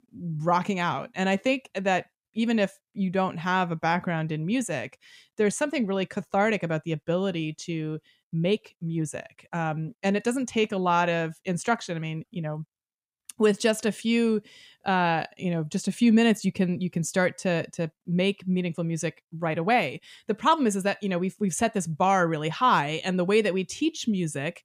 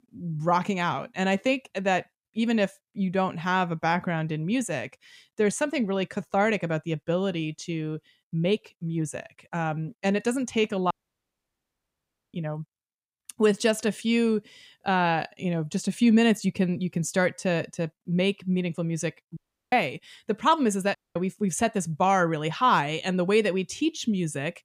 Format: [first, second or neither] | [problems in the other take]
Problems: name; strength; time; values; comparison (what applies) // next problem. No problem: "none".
first | audio cutting out; at 11 s for 1.5 s, at 19 s and at 21 s